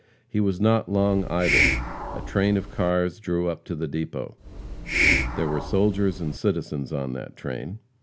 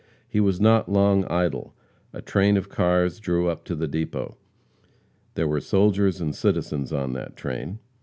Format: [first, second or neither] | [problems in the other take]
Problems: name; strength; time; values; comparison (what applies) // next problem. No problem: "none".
second | background sound (Hiss); 1 dB below the speech